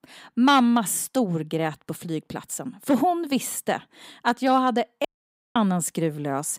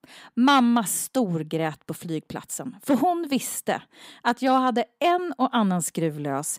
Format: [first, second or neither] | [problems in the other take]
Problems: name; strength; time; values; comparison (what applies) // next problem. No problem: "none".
second | audio cutting out; at 5 s for 0.5 s